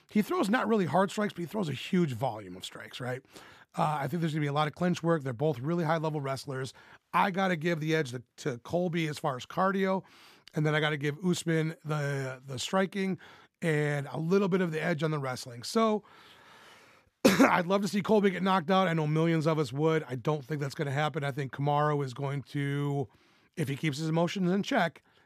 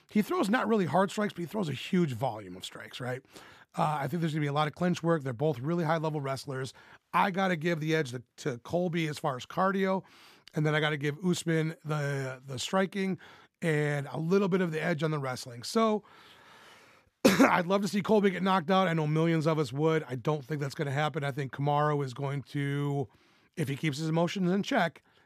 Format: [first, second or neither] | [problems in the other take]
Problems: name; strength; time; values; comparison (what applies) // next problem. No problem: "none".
neither | none